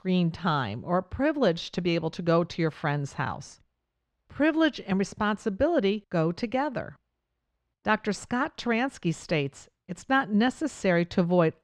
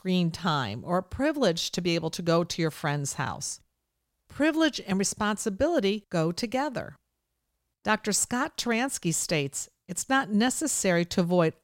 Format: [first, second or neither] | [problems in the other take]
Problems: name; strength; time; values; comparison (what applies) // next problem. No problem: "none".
second | muffled; slightly; fading above 3 kHz